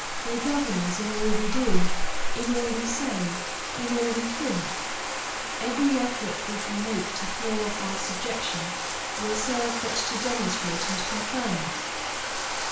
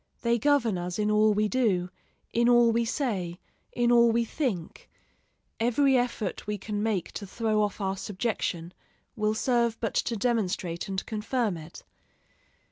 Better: second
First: background sound (Bathtub (filling or washing)); 2 dB above the speech // room echo; dies away in 0.5 s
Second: none

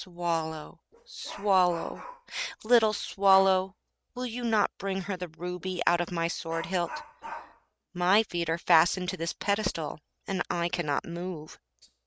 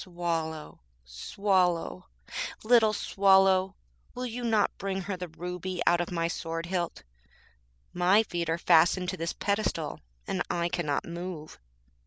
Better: second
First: noise reduction (neural mask model RNNoise)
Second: none

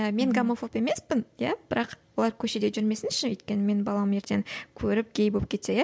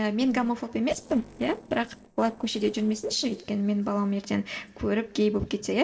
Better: first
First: none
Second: noise reduction (neural separator model SepFormer DNS4)

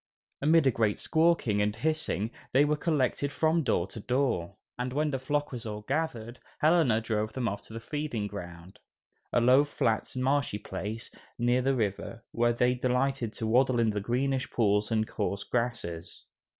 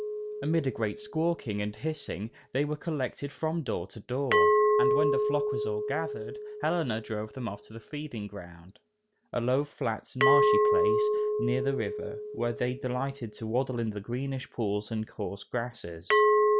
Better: first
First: none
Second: background sound (Glass); 2 dB above the speech

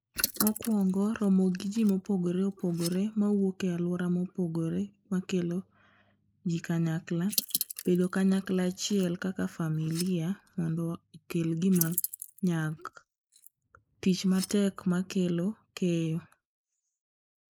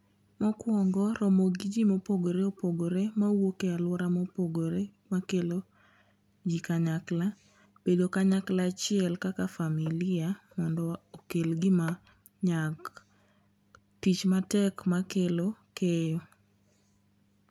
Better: second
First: noise reduction (neural mask model Resemble Enhance denoiser)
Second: none

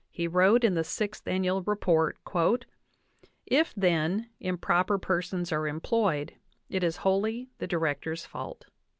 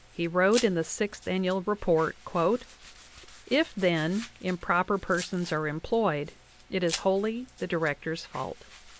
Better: first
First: none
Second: background sound (Domestic sounds, home sounds); 17 dB below the speech

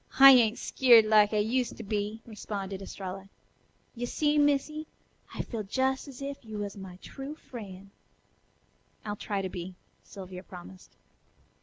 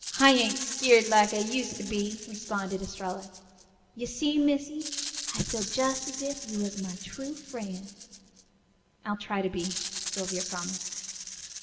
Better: first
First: none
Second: background sound (Rattle (instrument)); 9 dB below the speech // room echo; dies away in 1.5 s

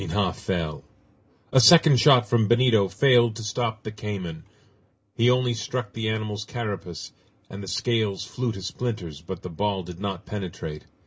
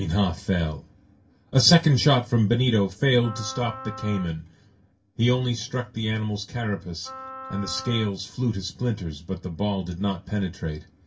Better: first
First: none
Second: background sound (Wind instrument, woodwind instrument); 16 dB below the speech // room echo; dies away in 0.2 s

